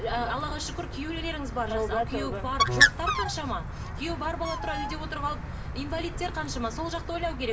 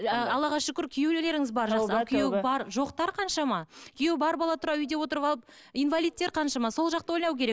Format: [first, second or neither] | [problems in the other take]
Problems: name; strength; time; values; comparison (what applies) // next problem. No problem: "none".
second | background sound (Bird); 2 dB above the speech // room echo; dies away in 0.8 s